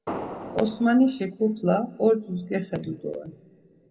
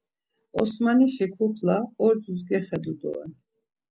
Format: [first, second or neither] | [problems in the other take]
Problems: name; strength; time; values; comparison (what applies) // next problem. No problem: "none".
second | background sound (Fireworks); 11 dB below the speech // room echo; dies away in 1.4 s